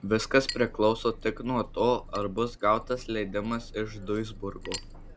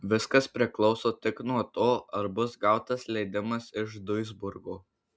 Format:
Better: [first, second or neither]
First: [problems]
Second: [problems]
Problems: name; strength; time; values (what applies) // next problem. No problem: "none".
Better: second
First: background sound (Engine + Chink, clink); 14 dB below the speech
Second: none